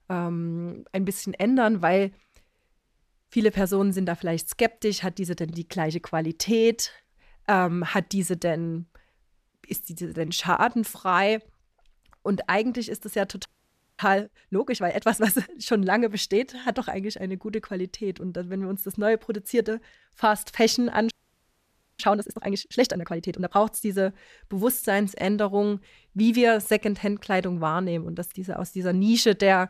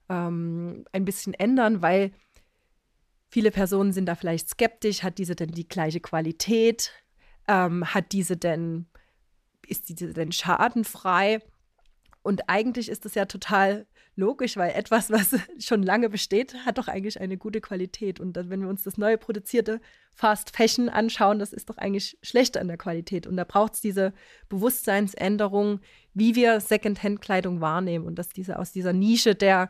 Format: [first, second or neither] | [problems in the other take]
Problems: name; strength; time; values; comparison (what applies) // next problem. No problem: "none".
second | audio freezing; at 13 s for 0.5 s and at 21 s for 1 s